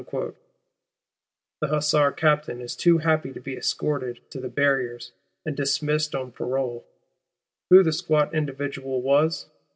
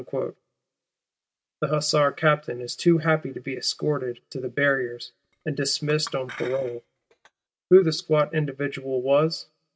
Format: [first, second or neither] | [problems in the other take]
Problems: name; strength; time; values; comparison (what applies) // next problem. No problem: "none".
first | noise reduction (neural mask model RNNoise)